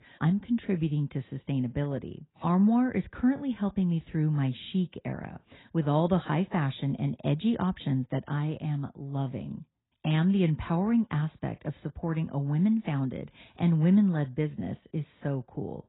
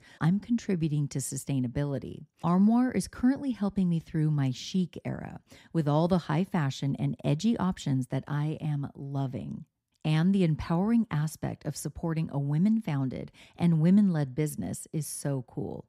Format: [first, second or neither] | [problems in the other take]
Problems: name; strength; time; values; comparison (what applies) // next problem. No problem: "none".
second | garbled, watery; badly; nothing above 4 kHz